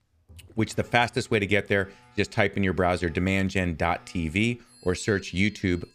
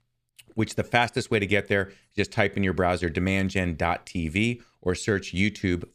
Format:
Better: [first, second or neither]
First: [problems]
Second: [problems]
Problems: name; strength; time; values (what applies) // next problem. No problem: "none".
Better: second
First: alarms or sirens; faint; throughout; 30 dB below the speech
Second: none